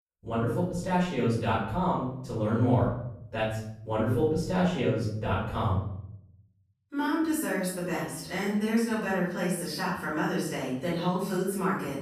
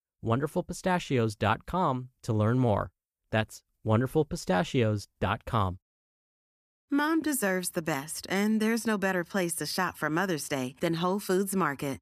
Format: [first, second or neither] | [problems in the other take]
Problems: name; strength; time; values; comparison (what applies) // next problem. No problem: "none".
second | off-mic speech; far // room echo; noticeable; dies away in 0.8 s